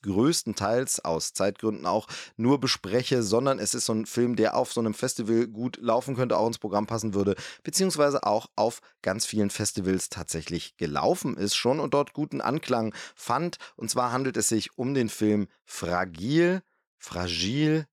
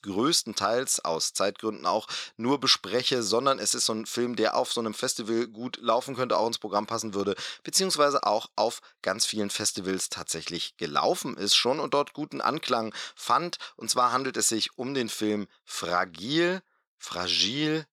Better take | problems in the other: first | thin; very slightly; fading below 750 Hz

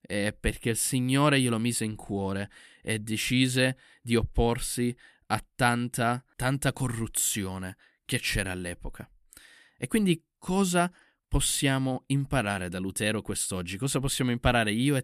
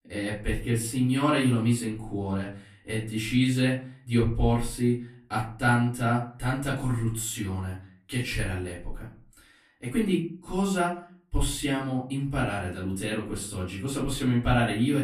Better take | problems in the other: first | off-mic speech; far // room echo; slight; dies away in 0.4 s

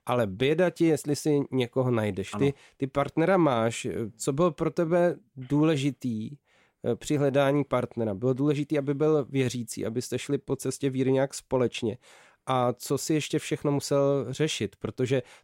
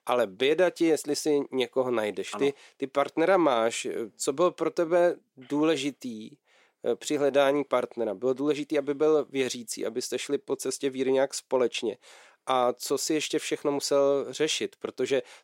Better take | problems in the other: first | thin; somewhat; fading below 400 Hz

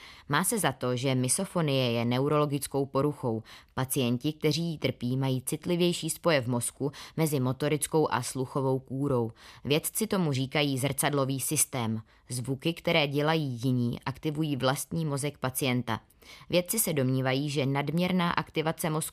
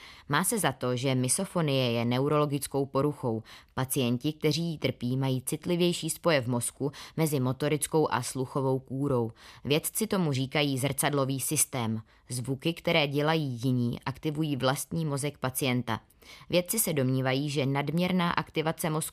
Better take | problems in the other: neither | none

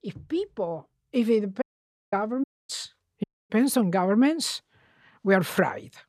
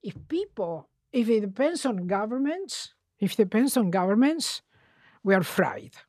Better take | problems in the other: second | audio cutting out; at 1.5 s for 0.5 s, at 2.5 s and at 3 s

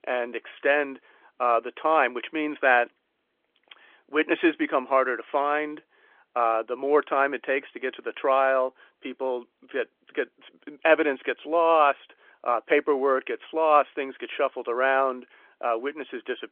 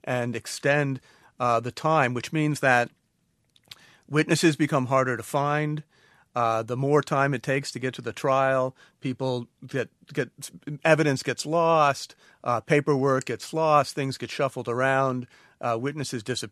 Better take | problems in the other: second | phone-call audio; nothing above 3.5 kHz

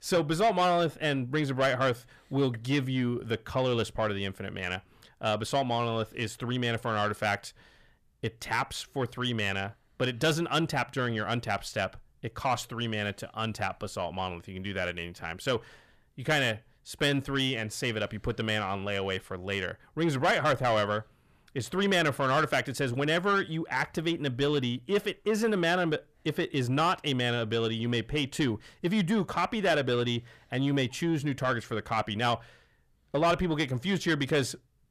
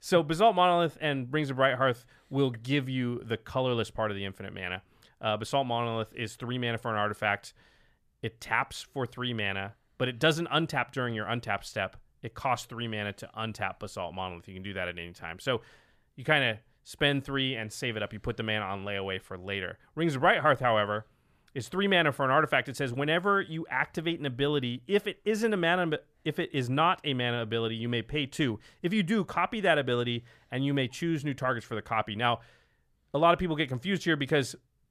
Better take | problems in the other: second | distortion; slight; 10 dB below the speech

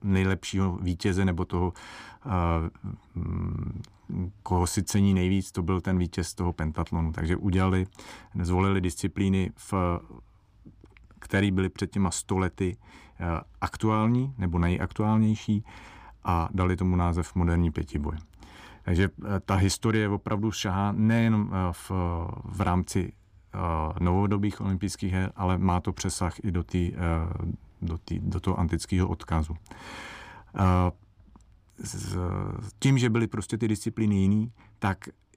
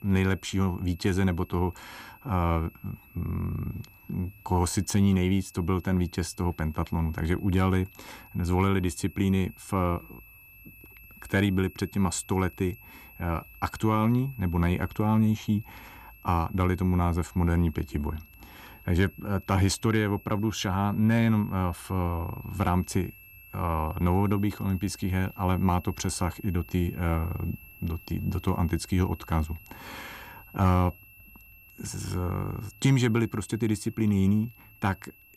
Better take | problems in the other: first | high-pitched whine; faint; throughout; 2.5 kHz, 20 dB below the speech

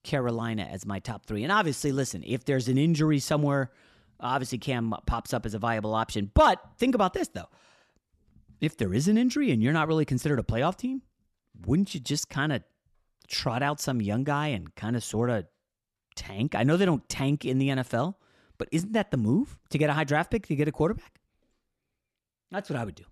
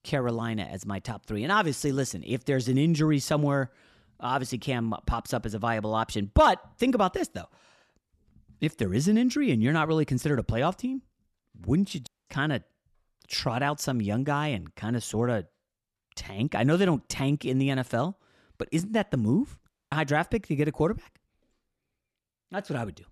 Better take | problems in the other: first | audio cutting out; at 12 s and at 20 s

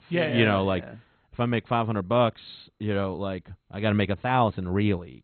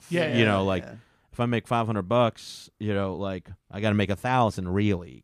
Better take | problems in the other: second | garbled, watery; badly; nothing above 4 kHz

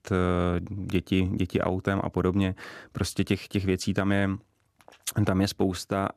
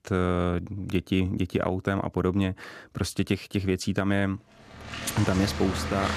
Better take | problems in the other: first | traffic noise; loud; from 5 s on; 6 dB below the speech

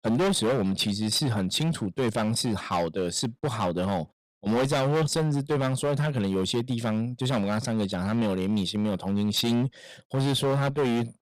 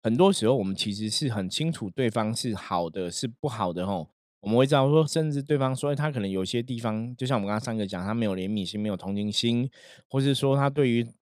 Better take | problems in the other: second | distortion; heavy; 16% of the sound clipped

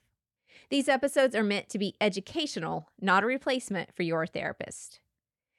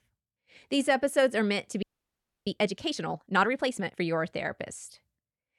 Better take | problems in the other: first | audio freezing; at 2 s for 0.5 s

